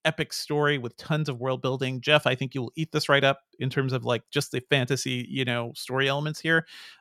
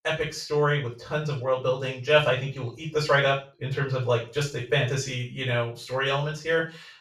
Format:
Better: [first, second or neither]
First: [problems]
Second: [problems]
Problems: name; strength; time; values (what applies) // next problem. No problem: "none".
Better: first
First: none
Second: room echo; noticeable; dies away in 0.3 s // off-mic speech; far